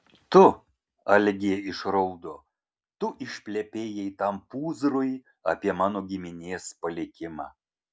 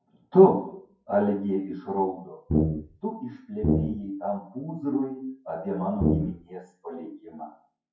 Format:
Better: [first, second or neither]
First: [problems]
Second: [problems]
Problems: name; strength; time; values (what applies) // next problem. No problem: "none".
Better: first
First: none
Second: noise reduction (classical method WPE with log-MMSE)